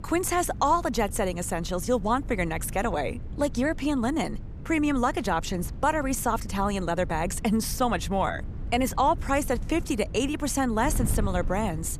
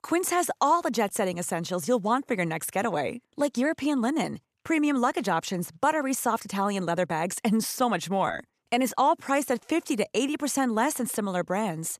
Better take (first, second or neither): second